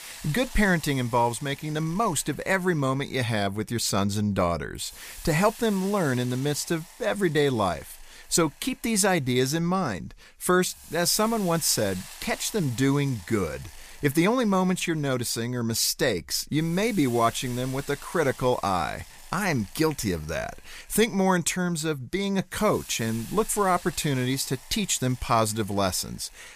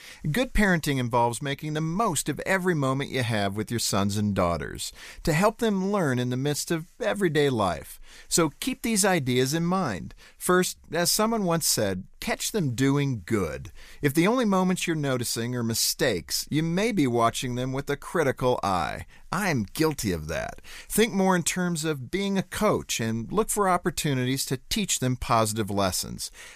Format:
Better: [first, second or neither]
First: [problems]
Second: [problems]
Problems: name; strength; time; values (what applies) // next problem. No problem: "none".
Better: second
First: hiss; noticeable; throughout; 20 dB below the speech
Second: none